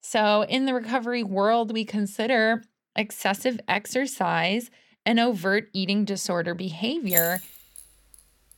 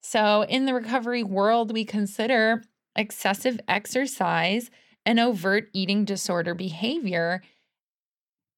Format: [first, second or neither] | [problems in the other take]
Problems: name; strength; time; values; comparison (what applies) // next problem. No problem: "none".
second | jangling keys; loud; at 7 s; peak 3 dB above the speech